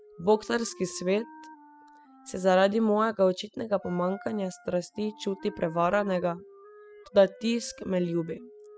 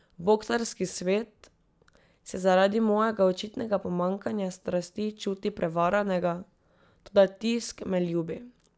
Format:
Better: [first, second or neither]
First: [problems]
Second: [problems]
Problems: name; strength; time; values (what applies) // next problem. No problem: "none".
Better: second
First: noise reduction (classical method spectral subtraction)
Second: none